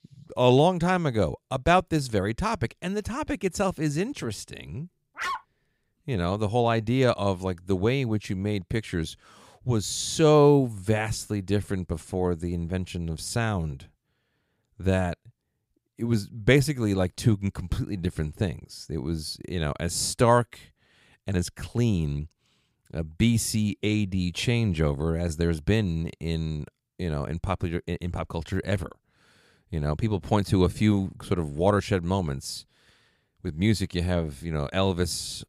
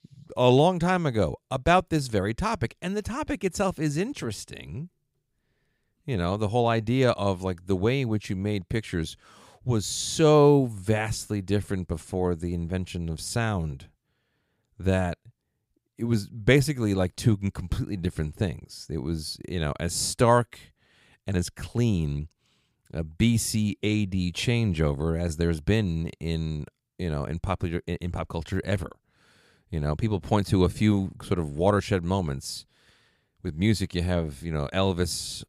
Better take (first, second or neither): second